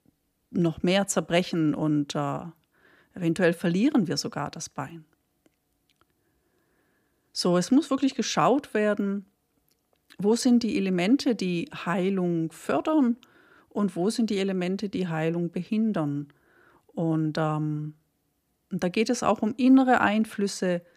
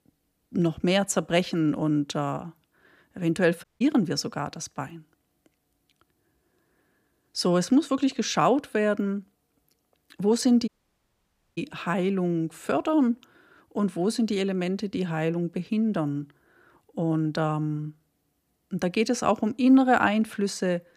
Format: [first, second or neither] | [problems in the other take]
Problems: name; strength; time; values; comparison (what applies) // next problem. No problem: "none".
first | audio cutting out; at 3.5 s and at 11 s for 1 s